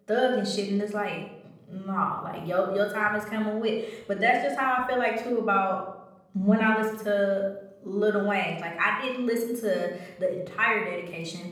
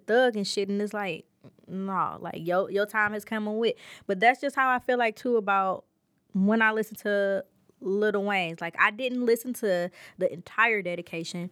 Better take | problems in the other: second | room echo; noticeable; dies away in 0.7 s // off-mic speech; somewhat distant

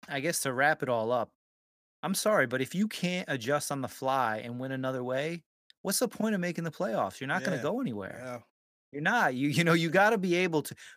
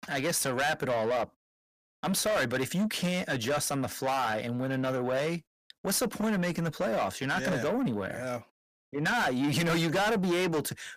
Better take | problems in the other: first | distortion; heavy; 6 dB below the speech

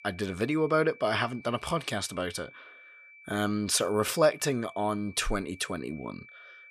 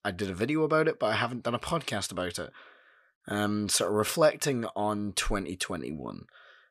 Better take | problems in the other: second | high-pitched whine; faint; throughout; 2.5 kHz, 20 dB below the speech

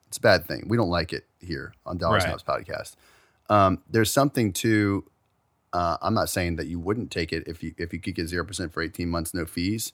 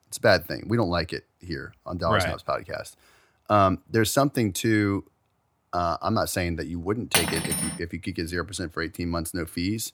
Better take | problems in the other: first | clattering dishes; loud; at 7 s; peak 3 dB above the speech

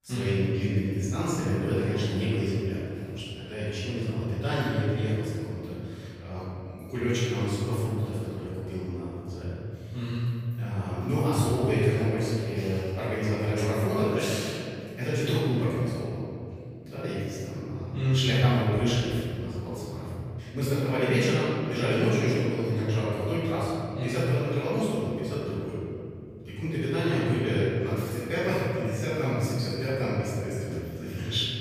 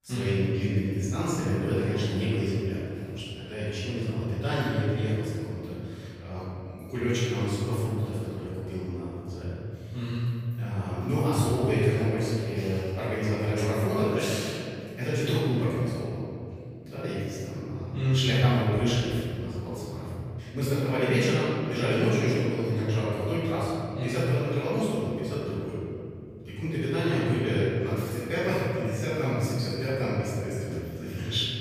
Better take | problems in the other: neither | room echo; strong; dies away in 2.6 s; the same in both // off-mic speech; far; the same in both

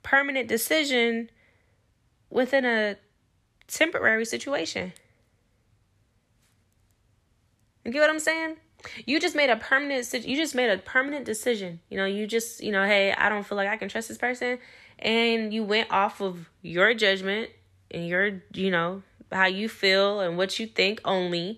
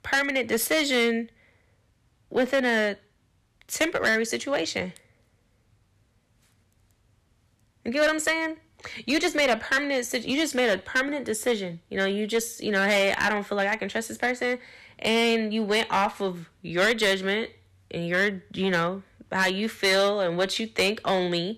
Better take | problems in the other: first | distortion; slight; 6% of the sound clipped

